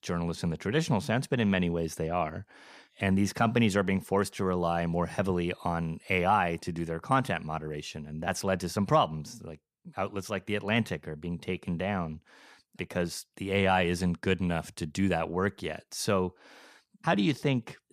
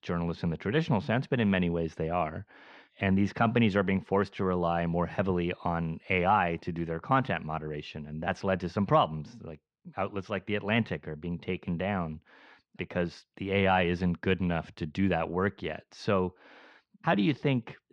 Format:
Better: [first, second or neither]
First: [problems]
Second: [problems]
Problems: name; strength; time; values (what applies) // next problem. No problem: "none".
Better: first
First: none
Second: muffled; slightly; fading above 3.5 kHz